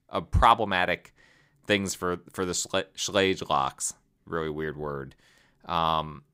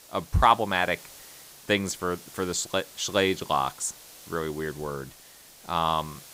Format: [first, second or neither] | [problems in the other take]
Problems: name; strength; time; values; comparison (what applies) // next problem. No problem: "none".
first | hiss; noticeable; throughout; 20 dB below the speech